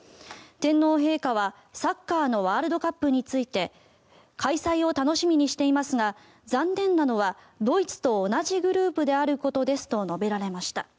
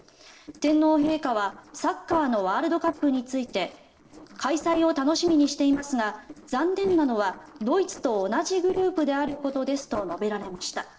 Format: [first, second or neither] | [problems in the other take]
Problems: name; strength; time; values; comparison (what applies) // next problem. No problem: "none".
first | noise reduction (neural separator model SepFormer DNS4)